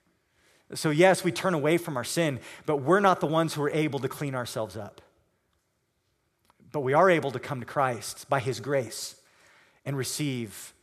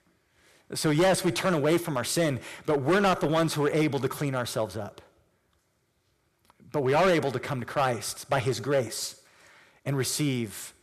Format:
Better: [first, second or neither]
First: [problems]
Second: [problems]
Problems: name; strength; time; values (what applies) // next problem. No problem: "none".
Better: first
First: none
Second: distortion; heavy; 5% of the sound clipped